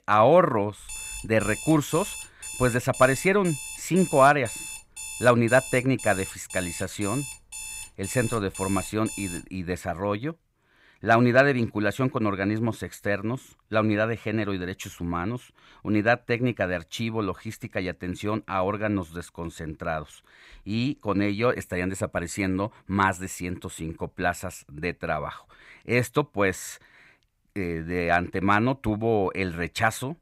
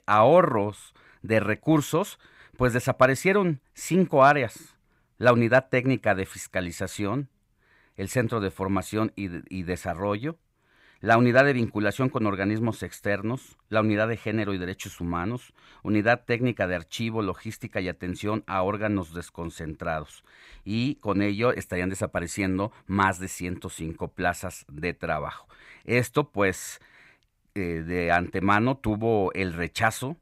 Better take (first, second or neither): second